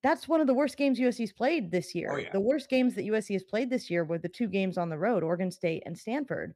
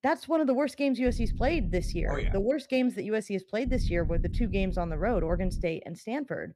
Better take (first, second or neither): first